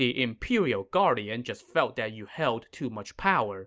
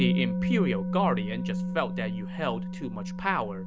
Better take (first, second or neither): first